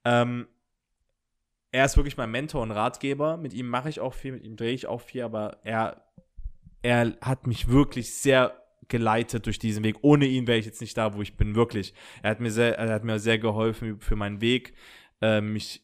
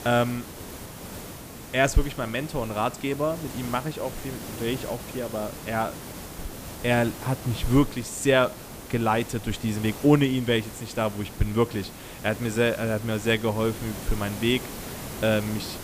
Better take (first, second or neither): first